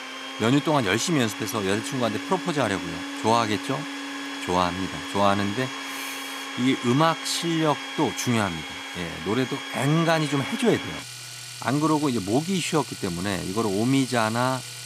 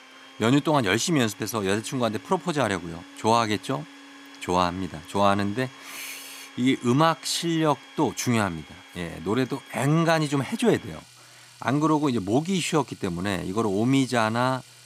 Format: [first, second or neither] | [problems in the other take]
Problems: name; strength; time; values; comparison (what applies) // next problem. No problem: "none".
second | household noises; loud; throughout; 8 dB below the speech; faint in the second